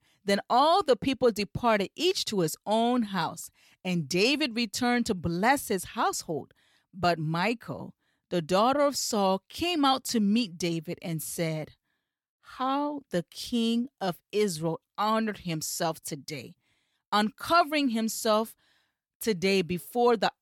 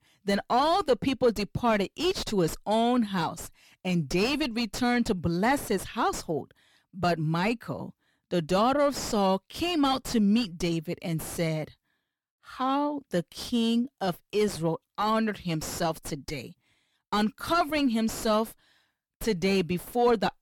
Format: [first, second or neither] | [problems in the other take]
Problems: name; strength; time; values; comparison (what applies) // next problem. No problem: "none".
first | distortion; slight; 8 dB below the speech